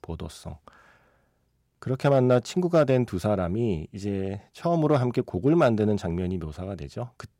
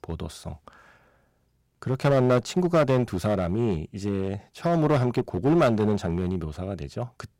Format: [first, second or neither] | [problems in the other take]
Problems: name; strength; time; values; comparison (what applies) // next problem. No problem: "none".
first | distortion; slight; 6% of the sound clipped